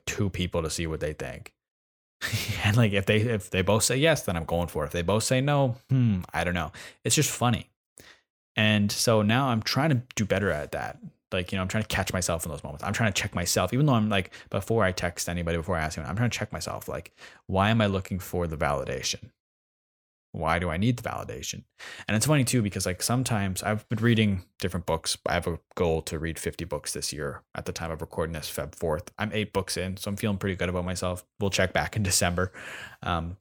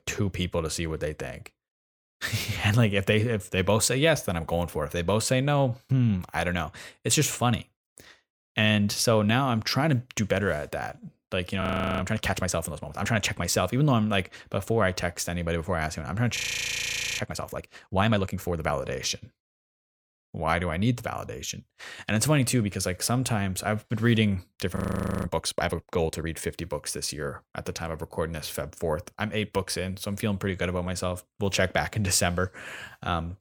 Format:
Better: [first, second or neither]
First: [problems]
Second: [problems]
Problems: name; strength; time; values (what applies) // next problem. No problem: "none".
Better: first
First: none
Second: audio freezing; at 12 s, at 16 s for 1 s and at 25 s